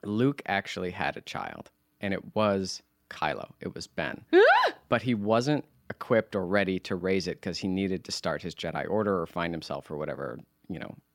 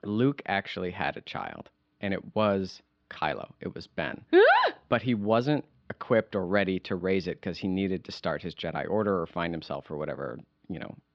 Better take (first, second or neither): first